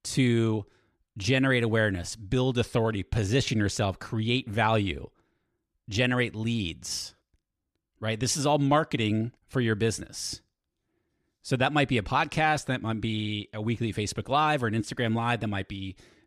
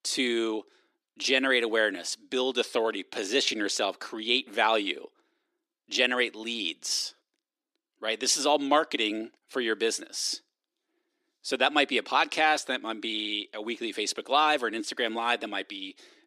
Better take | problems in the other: first | thin; somewhat; fading below 300 Hz

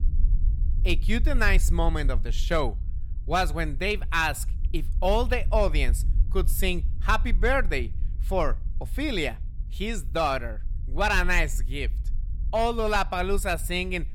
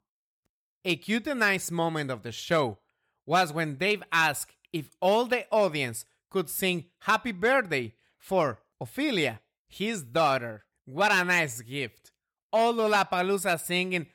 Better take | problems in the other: second | low rumble; faint; throughout; 25 dB below the speech

